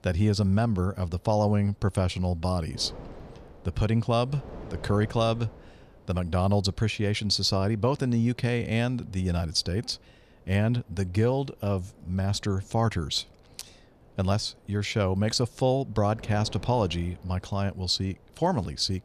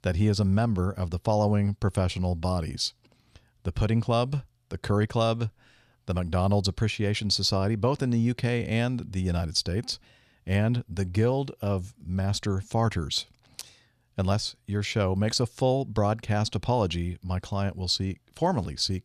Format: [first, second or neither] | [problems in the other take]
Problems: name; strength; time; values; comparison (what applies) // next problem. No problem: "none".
second | wind noise on the microphone; occasional gusts; 25 dB below the speech